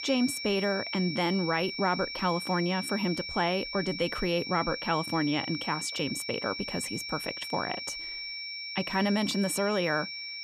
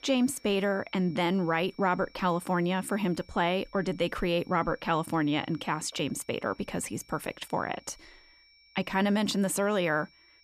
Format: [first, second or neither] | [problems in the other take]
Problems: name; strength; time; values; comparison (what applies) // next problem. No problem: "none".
second | high-pitched whine; loud; throughout; 5.5 kHz, 5 dB below the speech; faint in the second